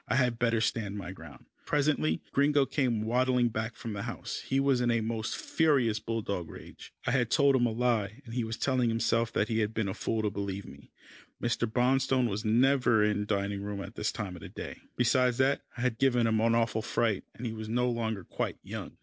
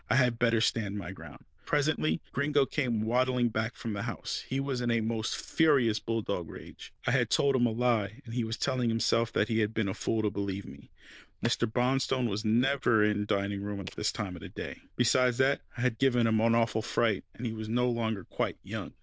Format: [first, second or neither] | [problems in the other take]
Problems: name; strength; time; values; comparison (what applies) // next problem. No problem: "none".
first | noise reduction (neural diffusion model UNIVERSE++)